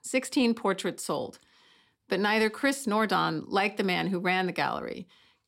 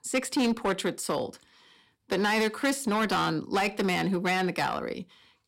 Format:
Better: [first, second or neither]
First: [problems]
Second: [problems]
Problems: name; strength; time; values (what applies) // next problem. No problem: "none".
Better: first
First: none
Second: distortion; slight; 9% of the sound clipped